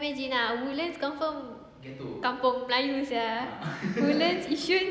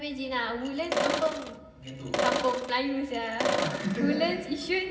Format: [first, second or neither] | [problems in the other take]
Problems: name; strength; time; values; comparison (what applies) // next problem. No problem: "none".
first | background sound (Sink (filling or washing)); 1 dB below the speech // room echo; dies away in 0.4 s